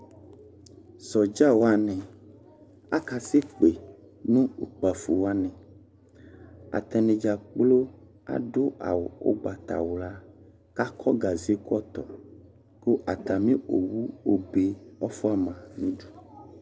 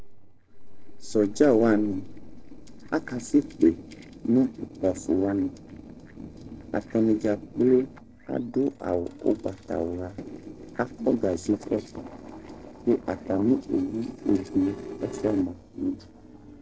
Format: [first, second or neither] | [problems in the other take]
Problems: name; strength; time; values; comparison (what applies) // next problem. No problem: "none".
first | noise reduction (neural separator model SepFormer DNS4)